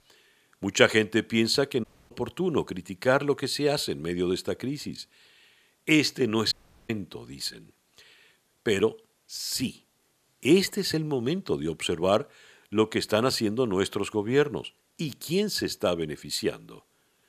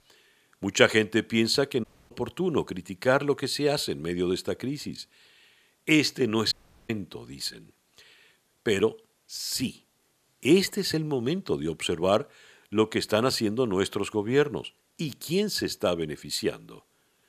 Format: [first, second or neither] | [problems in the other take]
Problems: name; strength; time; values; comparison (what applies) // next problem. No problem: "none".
neither | audio cutting out; at 2 s and at 6.5 s; the same in both